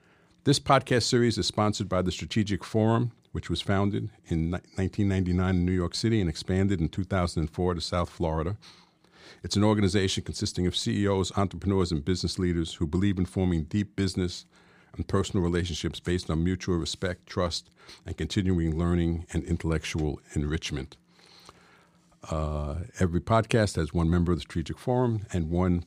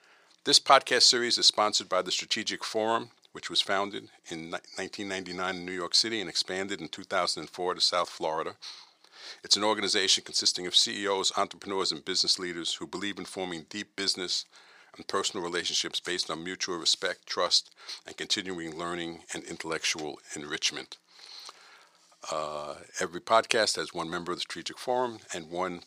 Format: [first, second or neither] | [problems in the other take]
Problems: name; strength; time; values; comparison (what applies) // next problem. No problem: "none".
first | thin; very; fading below 600 Hz